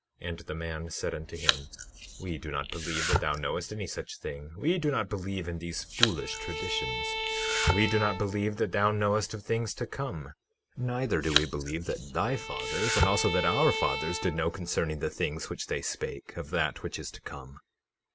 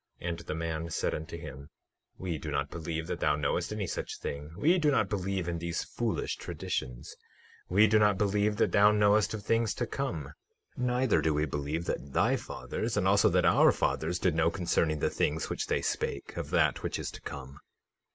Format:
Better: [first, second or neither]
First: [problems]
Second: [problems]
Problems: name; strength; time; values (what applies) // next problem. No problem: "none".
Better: second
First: background sound (Domestic sounds, home sounds + Bowed string instrument); 2 dB below the speech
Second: none